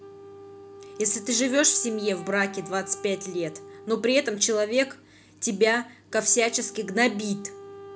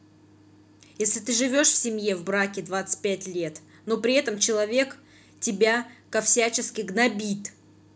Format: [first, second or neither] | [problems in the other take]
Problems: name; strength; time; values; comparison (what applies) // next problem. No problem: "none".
second | background sound (Wind instrument, woodwind instrument); 18 dB below the speech